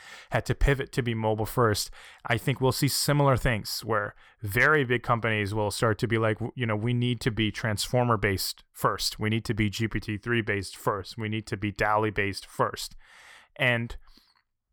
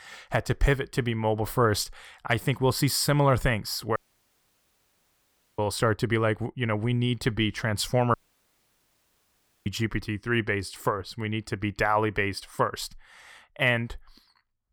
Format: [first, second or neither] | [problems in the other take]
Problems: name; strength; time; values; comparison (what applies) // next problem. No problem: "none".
first | audio cutting out; at 4 s for 1.5 s and at 8 s for 1.5 s